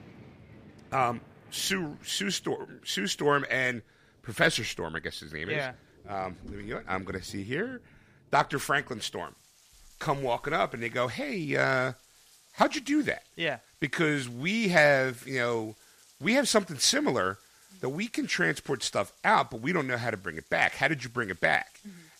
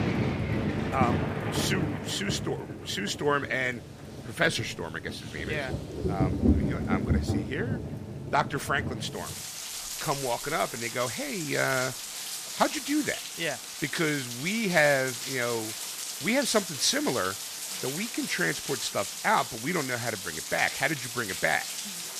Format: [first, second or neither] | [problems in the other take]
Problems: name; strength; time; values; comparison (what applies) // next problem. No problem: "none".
first | rain or running water; loud; throughout; 3 dB below the speech; faint in the first